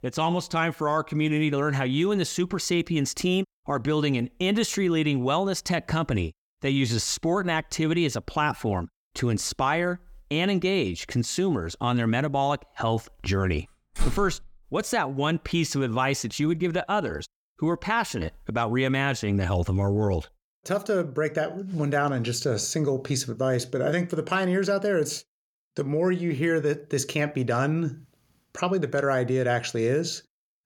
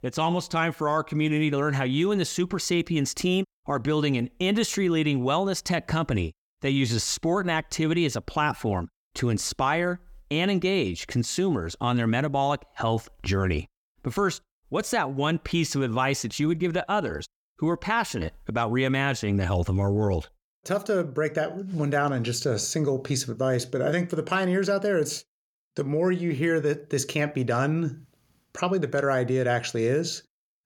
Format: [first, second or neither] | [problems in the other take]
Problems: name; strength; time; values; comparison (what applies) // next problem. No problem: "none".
second | door banging; noticeable; at 14 s; peak 8 dB below the speech